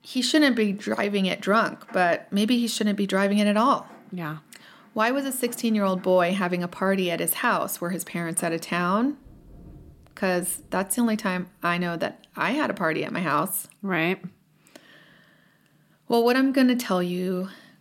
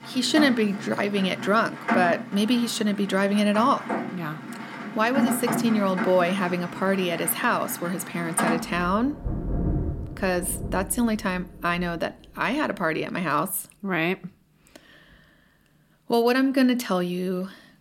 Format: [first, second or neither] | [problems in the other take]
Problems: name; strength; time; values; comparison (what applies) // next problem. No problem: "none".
first | rain or running water; loud; throughout; 7 dB below the speech; faint in the first